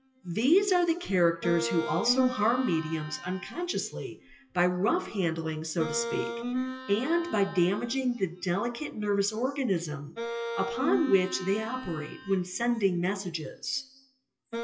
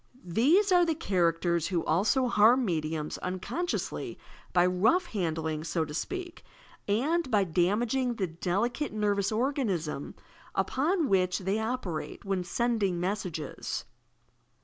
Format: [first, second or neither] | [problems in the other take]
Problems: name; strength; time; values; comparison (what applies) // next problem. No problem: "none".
second | noise reduction (classical method WPE with log-MMSE)